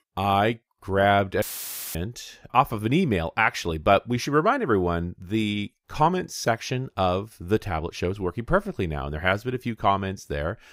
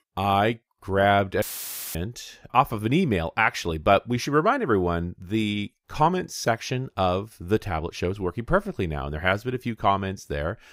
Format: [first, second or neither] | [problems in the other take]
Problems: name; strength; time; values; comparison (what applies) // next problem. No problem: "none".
neither | audio cutting out; filled with static; at 1.5 s for 0.5 s; the same in both